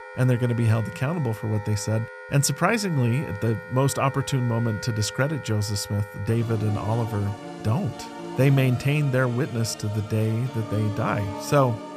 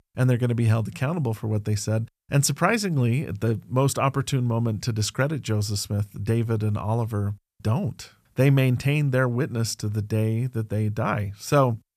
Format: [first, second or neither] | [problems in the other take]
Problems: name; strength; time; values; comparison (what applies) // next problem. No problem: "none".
second | background music; noticeable; throughout; 10 dB below the speech